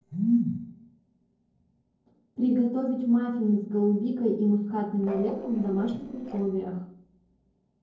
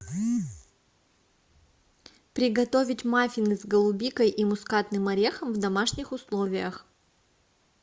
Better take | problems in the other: second | noise reduction (neural separator model SepFormer DNS4)

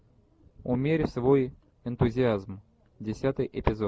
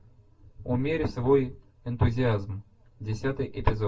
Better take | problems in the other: first | room echo; dies away in 0.1 s

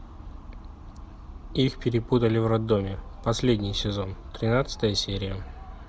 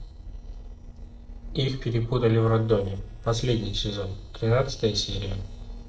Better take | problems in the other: first | noise reduction (neural separator model SepFormer DNS4)

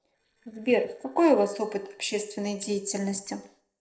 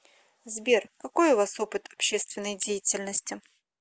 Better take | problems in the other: second | noise reduction (neural separator model SepFormer DNS4)

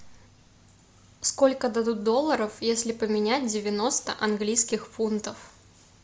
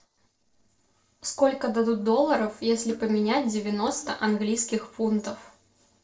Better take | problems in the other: first | noise reduction (neural separator model SepFormer DNS4)

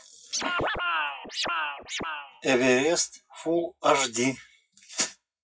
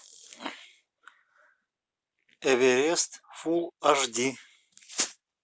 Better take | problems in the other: second | noise reduction (classical method WPE with log-MMSE)

